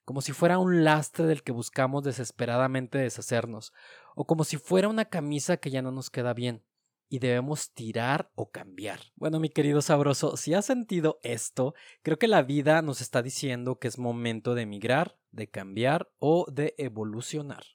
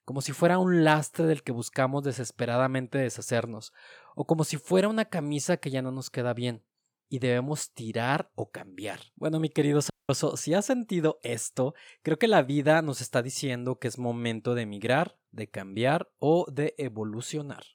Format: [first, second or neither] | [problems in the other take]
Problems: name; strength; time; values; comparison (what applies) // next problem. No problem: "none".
first | audio cutting out; at 10 s